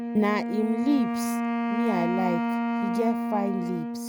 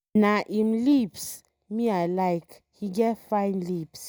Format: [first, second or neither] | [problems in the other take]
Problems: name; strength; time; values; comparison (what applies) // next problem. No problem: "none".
second | background sound (Wind instrument, woodwind instrument); 1 dB above the speech